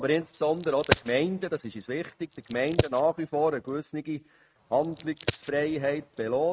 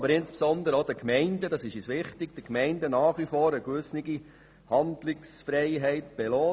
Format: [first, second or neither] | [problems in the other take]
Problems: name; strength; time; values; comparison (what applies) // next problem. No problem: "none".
second | noise reduction (neural mask model RNNoise)